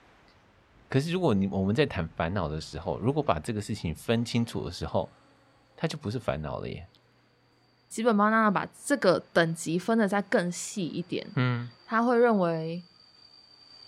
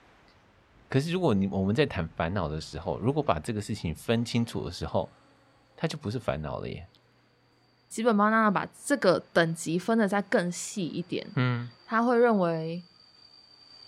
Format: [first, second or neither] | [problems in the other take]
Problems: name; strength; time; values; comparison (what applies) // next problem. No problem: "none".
neither | train or aircraft noise; faint; throughout; 30 dB below the speech; the same in both